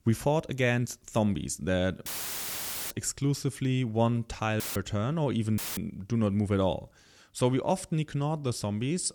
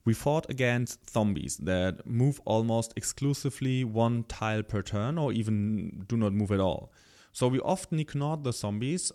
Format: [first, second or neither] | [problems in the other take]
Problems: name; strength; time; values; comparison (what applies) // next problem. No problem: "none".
second | audio cutting out; filled with static; at 2 s for 1 s, at 4.5 s and at 5.5 s